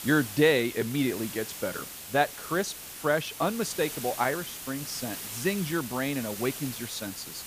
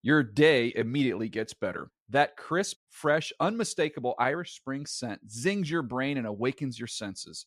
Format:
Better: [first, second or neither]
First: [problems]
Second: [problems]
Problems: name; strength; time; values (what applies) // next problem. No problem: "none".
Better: second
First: hiss; loud; throughout; 8 dB below the speech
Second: none